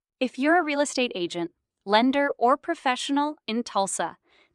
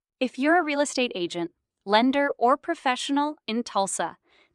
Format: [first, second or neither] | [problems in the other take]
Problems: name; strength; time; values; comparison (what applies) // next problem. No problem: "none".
neither | none